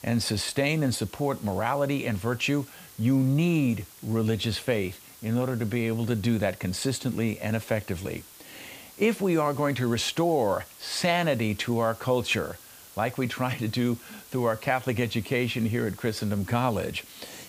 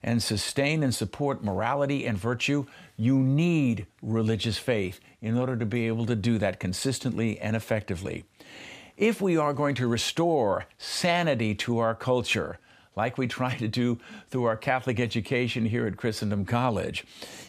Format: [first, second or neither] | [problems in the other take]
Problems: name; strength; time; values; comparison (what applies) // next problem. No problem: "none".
second | hiss; noticeable; throughout; 20 dB below the speech